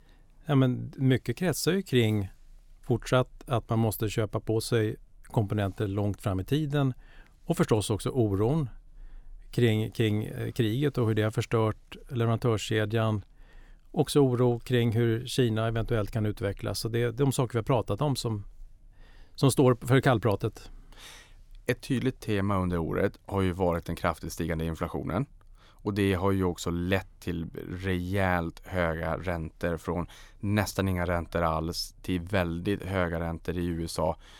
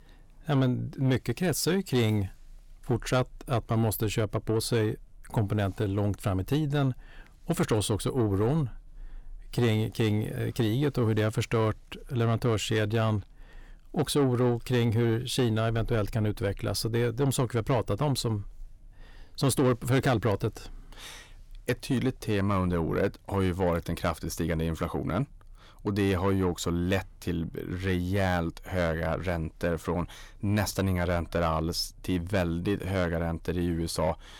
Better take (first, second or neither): first